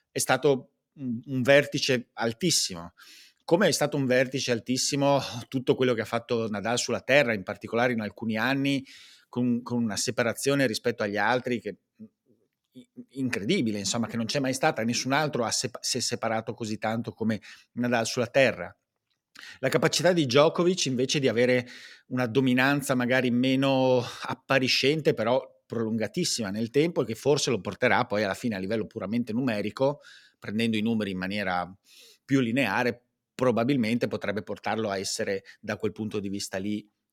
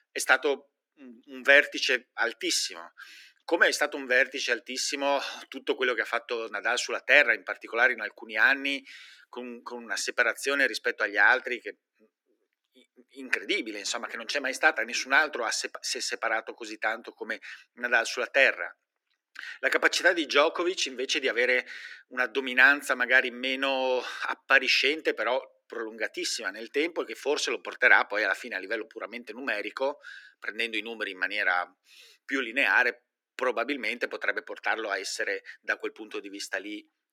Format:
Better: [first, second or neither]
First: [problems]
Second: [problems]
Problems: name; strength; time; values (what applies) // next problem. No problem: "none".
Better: first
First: none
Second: thin; very; fading below 300 Hz